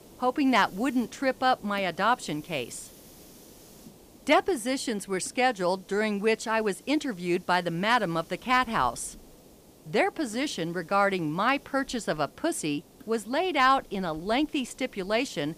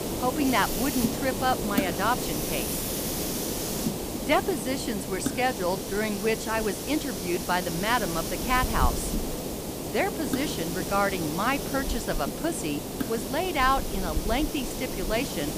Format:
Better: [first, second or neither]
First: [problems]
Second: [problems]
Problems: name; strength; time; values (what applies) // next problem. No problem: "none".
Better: first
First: hiss; faint; throughout; 25 dB below the speech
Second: hiss; loud; throughout; 2 dB below the speech